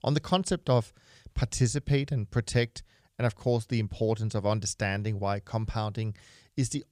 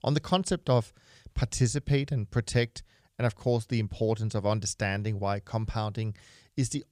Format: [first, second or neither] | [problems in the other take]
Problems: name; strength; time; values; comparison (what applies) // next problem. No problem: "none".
neither | none